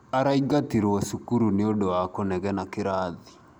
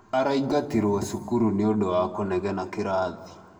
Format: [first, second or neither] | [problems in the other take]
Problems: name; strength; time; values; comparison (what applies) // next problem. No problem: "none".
first | room echo; dies away in 0.9 s